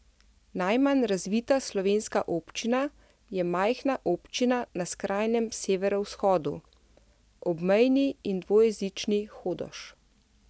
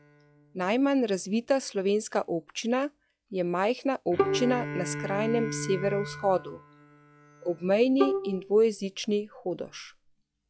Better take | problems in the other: first | noise reduction (classical method log-MMSE)

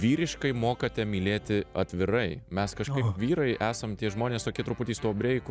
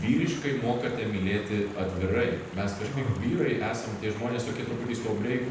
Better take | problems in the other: first | background sound (Stream); 18 dB below the speech // room echo; dies away in 0.9 s

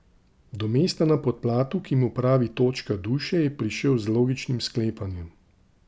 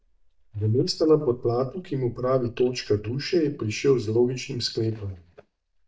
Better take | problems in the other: first | noise reduction (neural mask model DeepFilterNet 3)

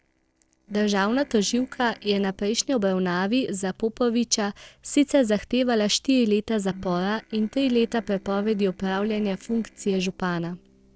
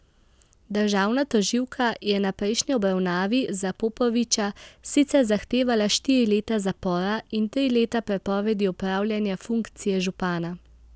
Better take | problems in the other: second | noise reduction (neural separator model SepFormer DNS4)

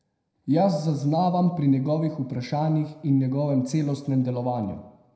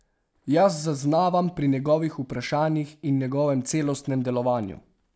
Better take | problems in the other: second | room echo; dies away in 0.7 s

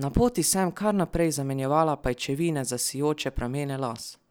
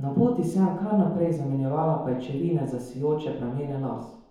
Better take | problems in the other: first | room echo; dies away in 0.9 s

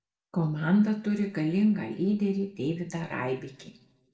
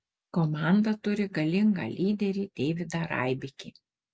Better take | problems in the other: second | room echo; dies away in 0.5 s

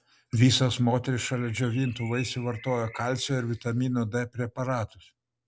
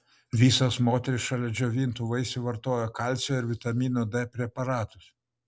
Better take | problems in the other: second | background sound (Bird); 19 dB below the speech

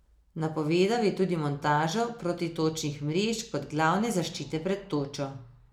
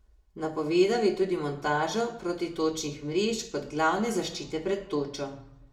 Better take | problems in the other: first | room echo; dies away in 0.5 s

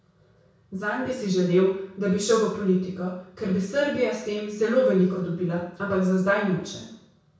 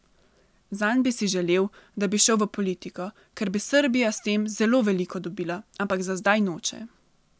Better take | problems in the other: second | room echo; dies away in 0.6 s

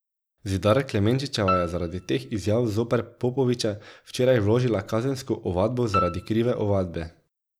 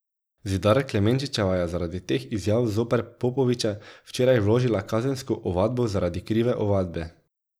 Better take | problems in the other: second | background sound (Piano); 8 dB below the speech

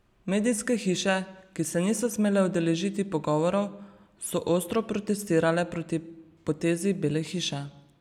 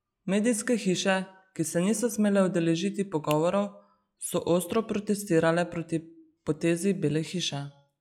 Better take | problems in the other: first | noise reduction (classical method log-MMSE)

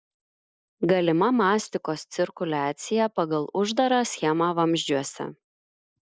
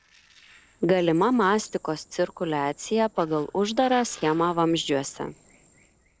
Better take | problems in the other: first | noise reduction (neural separator model SepFormer DNS4)

